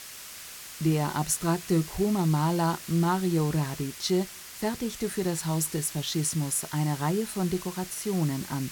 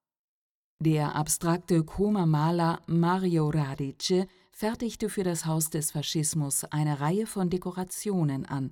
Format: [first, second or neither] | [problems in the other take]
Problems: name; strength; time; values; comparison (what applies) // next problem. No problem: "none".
second | hiss; noticeable; throughout; 10 dB below the speech